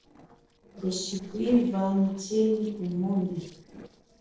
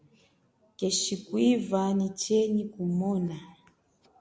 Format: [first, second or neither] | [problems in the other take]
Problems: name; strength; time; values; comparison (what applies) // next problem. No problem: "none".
second | noise reduction (neural separator model SepFormer DNS4)